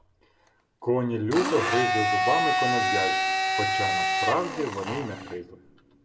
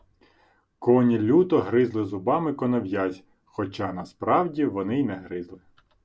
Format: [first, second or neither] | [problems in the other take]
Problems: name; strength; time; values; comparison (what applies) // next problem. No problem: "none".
second | background sound (Domestic sounds, home sounds); 2 dB above the speech // room echo; dies away in 0.9 s